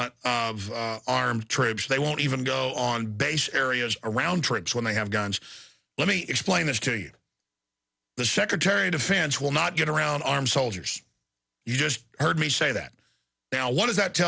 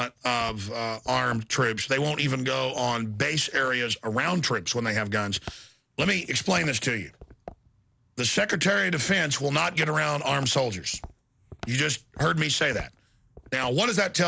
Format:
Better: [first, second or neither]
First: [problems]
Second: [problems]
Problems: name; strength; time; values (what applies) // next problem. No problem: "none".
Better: first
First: none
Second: noise reduction (neural mask model Resemble Enhance denoiser)